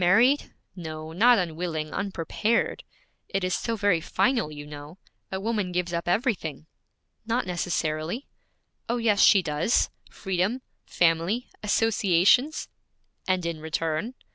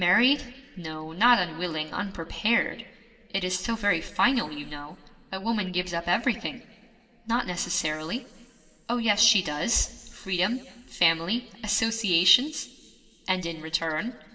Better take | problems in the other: first | room echo; dies away in 2.4 s

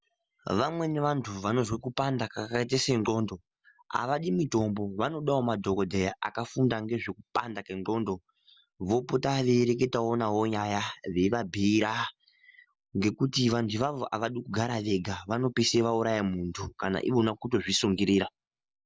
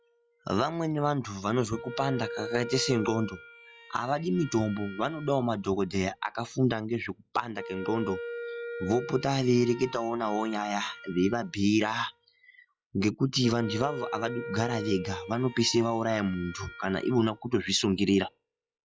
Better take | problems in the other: first | noise reduction (classical method log-MMSE)

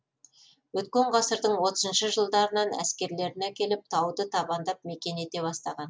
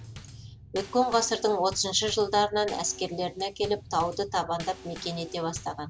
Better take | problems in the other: first | background sound (Bass drum / Snare drum / Drum kit); 16 dB below the speech

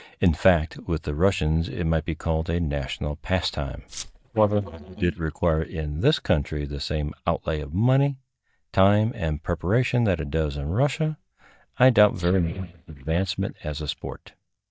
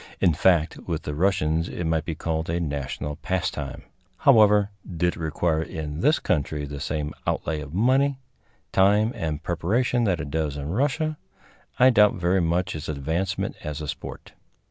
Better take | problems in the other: second | noise reduction (neural mask model DeepFilterNet 3)

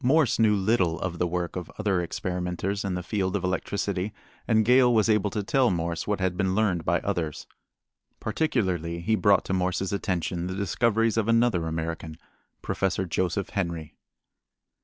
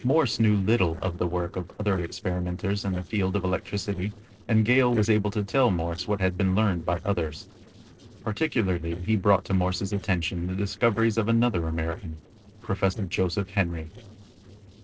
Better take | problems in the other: first | noise reduction (neural separator model SepFormer DNS4)

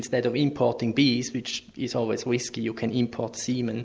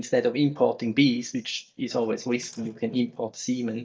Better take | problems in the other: first | noise reduction (neural mask model DeepFilterNet 3)

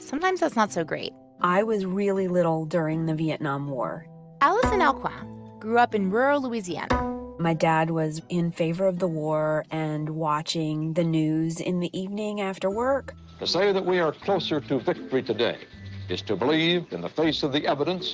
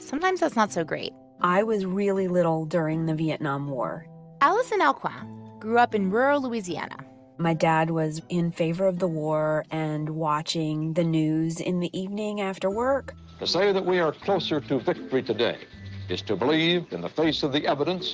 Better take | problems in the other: second | background sound (Bowed string instrument); 8 dB below the speech

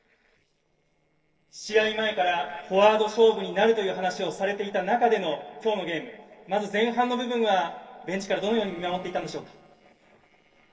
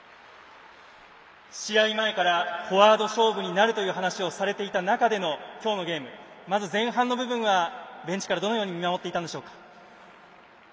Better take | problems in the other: second | noise reduction (neural separator model SepFormer DNS4)

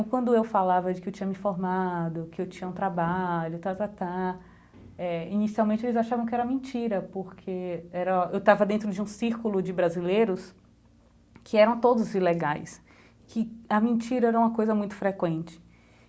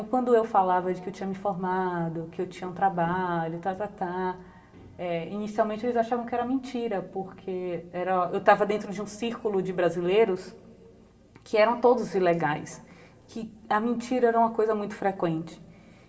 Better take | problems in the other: first | room echo; dies away in 2.6 s

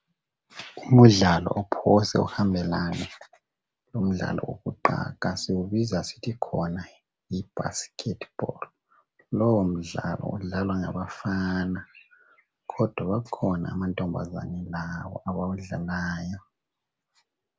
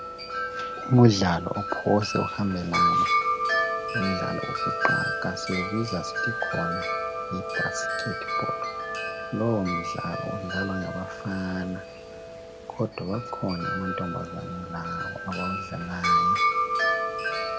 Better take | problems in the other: first | background sound (Wind chime); as loud as the speech

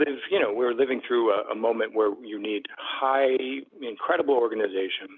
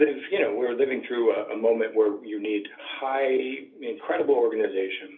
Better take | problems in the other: first | room echo; dies away in 0.3 s

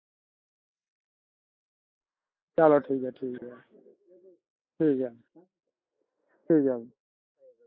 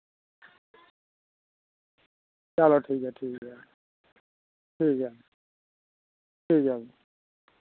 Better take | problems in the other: second | noise reduction (neural mask model Resemble Enhance denoiser)

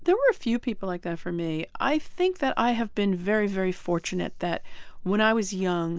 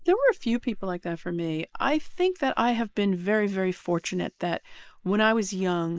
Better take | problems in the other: first | noise reduction (neural mask model Resemble Enhance denoiser)

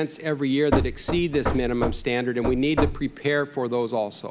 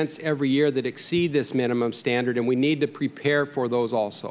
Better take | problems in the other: second | background sound (Knock / Wood); 3 dB below the speech

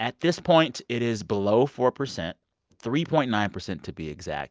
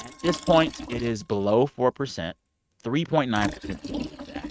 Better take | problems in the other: first | noise reduction (neural mask model RNNoise)

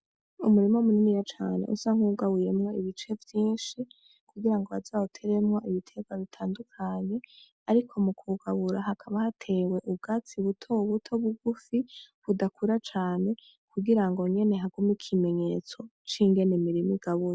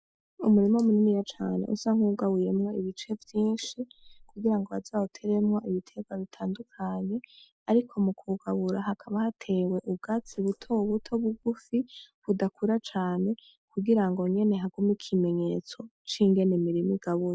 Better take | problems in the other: first | noise reduction (neural mask model Resemble Enhance denoiser)

